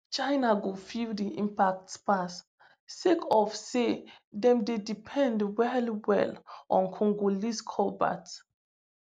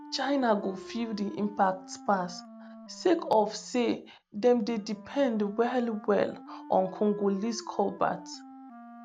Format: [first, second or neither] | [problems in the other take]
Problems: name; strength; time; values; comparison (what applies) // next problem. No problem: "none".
first | background sound (Wind instrument, woodwind instrument); 18 dB below the speech